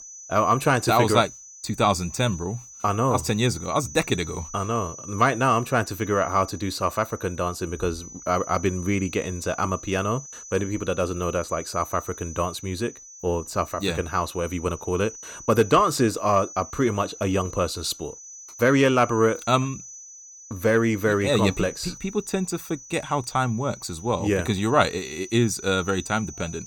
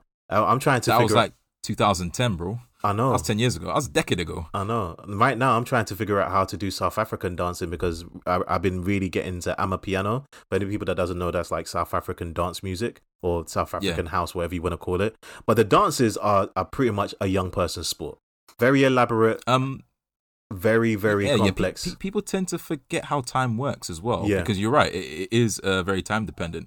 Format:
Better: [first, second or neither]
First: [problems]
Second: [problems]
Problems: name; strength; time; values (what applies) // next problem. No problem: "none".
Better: second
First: high-pitched whine; noticeable; throughout; 6 kHz, 15 dB below the speech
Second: none